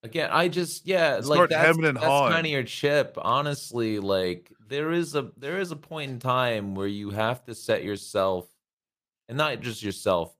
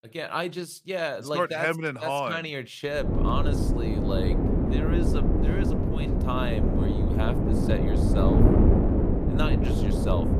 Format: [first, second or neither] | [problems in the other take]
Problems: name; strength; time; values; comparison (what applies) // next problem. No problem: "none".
first | wind noise on the microphone; heavy; from 3 s on; as loud as the speech